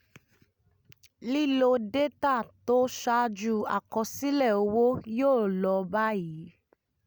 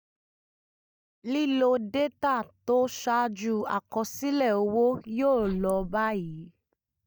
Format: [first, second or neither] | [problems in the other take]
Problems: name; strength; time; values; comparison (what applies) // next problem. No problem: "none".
first | noise reduction (neural mask model DeepFilterNet 3)